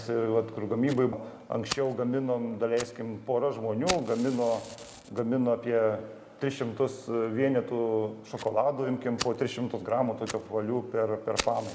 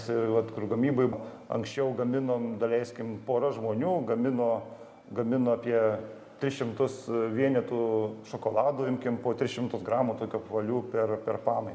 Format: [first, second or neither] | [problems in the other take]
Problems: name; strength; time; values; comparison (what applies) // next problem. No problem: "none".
second | background sound (Fire); 15 dB below the speech